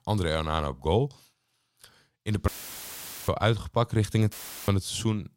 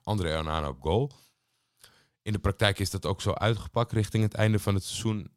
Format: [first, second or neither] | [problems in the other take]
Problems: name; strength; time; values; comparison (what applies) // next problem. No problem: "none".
second | audio cutting out; filled with static; at 2.5 s for 1 s and at 4.5 s